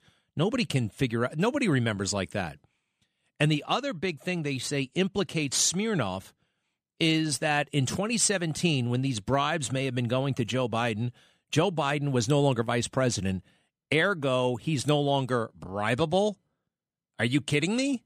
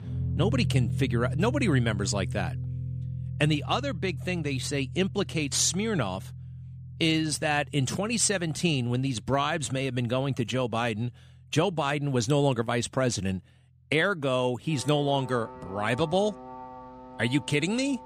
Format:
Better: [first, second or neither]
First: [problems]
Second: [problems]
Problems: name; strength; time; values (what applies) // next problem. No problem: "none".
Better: first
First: none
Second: background music; loud; throughout; 9 dB below the speech